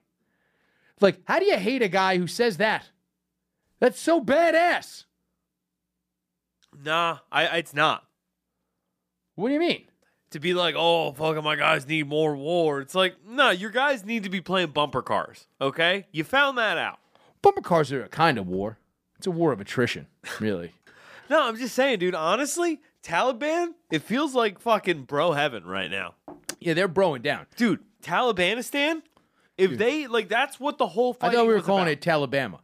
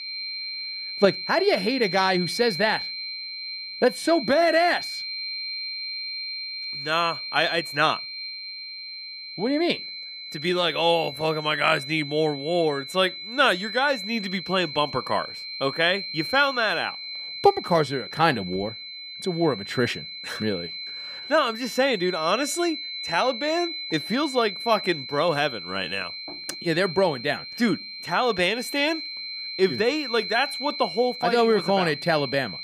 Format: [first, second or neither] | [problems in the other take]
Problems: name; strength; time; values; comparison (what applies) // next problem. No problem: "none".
first | high-pitched whine; loud; throughout; 4 kHz, 8 dB below the speech